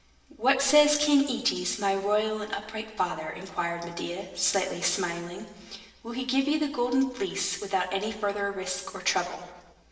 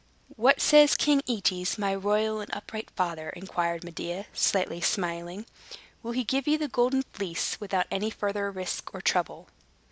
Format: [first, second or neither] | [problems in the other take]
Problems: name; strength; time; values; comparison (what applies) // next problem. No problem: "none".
second | room echo; dies away in 1.1 s